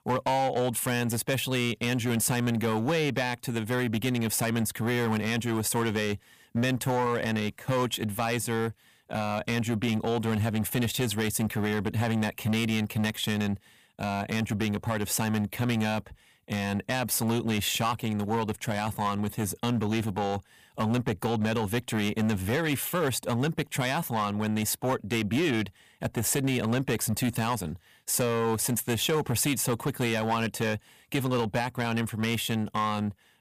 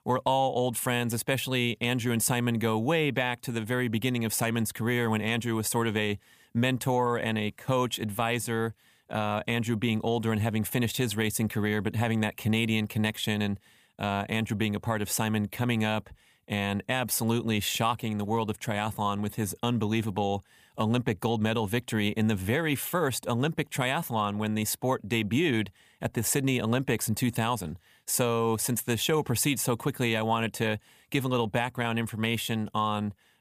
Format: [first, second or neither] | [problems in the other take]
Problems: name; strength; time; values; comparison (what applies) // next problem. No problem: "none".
second | distortion; slight; 8% of the sound clipped